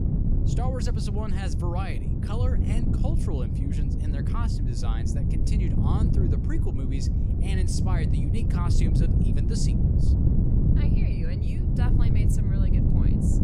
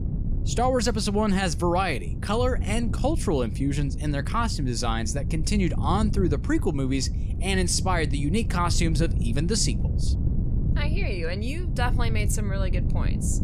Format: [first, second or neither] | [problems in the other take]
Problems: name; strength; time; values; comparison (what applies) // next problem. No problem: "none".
second | wind noise on the microphone; heavy; 2 dB above the speech; occasional gusts in the second